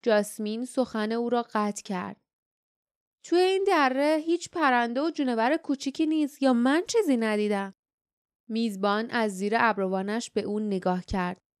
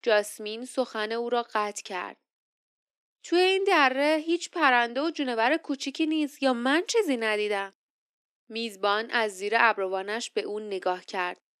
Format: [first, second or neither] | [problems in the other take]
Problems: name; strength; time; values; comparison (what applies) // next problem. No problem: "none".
first | thin; very slightly; fading below 250 Hz